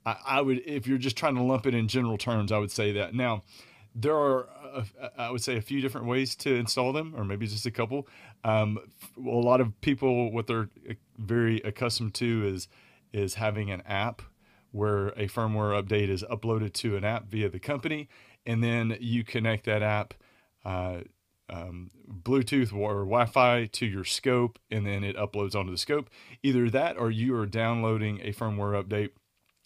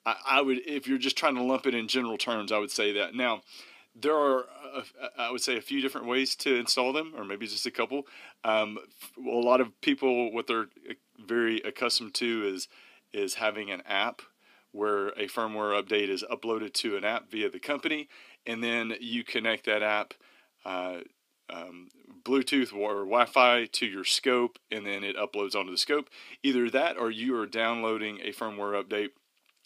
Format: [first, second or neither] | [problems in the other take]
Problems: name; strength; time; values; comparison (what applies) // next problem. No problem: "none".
first | thin; very slightly; fading below 300 Hz